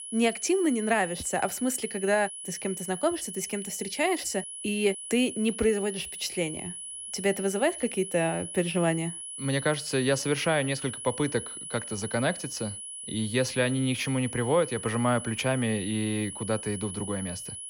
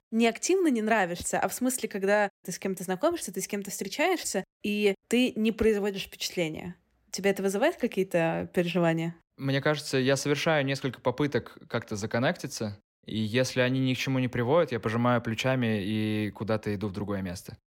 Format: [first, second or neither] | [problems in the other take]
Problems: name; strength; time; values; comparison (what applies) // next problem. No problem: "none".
second | high-pitched whine; loud; throughout; 10.5 kHz, 8 dB below the speech